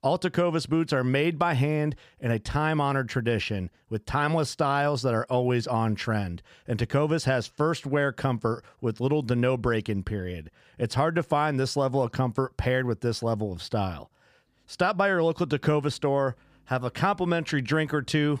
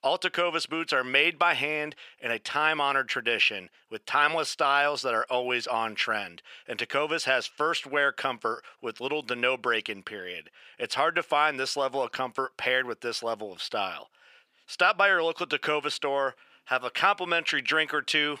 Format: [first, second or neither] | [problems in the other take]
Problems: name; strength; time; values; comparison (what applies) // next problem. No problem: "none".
first | thin; very; fading below 500 Hz